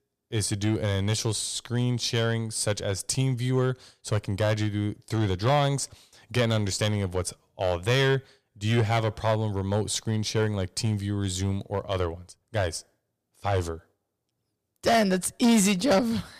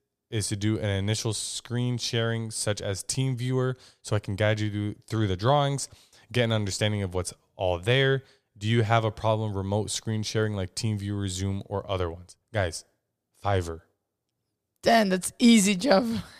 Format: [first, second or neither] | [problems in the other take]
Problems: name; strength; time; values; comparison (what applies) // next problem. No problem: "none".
second | distortion; slight; 4% of the sound clipped